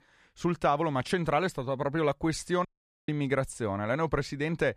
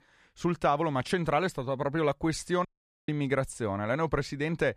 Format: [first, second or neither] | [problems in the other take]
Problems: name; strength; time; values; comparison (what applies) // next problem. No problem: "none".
neither | audio cutting out; at 2.5 s; the same in both